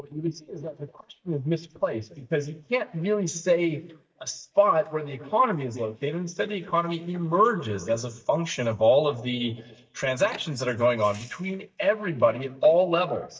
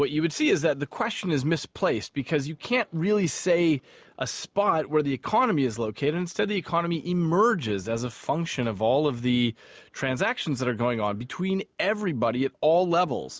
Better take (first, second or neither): second